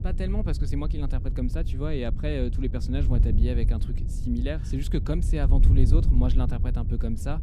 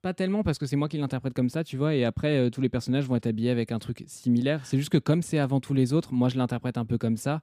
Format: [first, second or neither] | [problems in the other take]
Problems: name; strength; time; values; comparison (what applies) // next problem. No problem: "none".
second | wind noise on the microphone; heavy; 8 dB below the speech